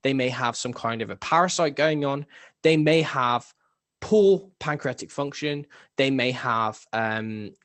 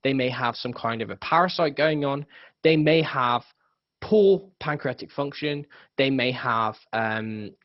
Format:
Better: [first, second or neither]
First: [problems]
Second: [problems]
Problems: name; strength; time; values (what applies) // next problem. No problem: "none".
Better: first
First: garbled, watery; slightly; nothing above 8 kHz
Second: garbled, watery; badly; nothing above 5.5 kHz